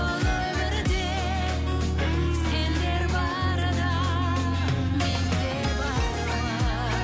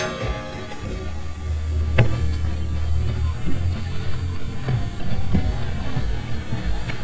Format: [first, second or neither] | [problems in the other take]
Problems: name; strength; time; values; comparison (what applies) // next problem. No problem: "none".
first | noise reduction (neural mask model DeepFilterNet 3)